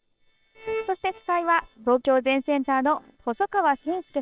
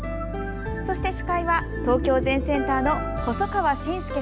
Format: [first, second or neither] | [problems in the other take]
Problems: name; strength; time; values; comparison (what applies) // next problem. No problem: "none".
second | noise reduction (neural separator model SepFormer WHAM!)